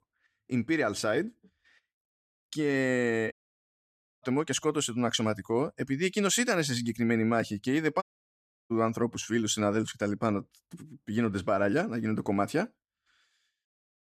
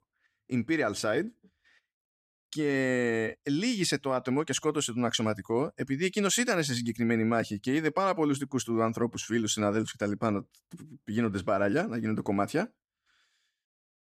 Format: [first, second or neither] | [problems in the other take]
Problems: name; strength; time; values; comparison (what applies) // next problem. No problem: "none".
second | audio cutting out; at 3.5 s for 1 s and at 8 s for 0.5 s